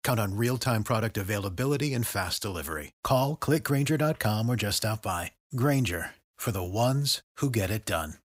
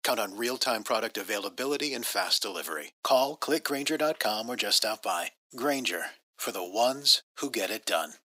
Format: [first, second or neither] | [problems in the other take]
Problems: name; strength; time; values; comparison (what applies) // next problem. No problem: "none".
first | thin; somewhat; fading below 300 Hz